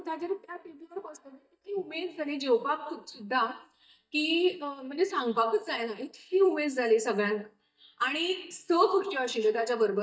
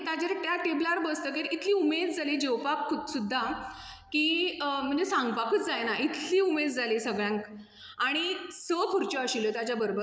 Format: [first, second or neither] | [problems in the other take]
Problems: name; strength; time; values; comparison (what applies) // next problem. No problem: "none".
second | noise reduction (neural mask model DeepFilterNet 3)